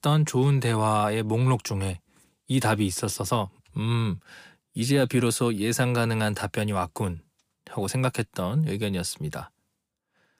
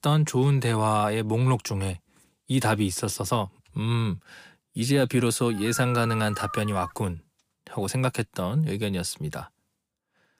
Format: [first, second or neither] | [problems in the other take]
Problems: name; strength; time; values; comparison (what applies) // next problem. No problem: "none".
first | dog barking; noticeable; from 5.5 to 7 s; peak 7 dB below the speech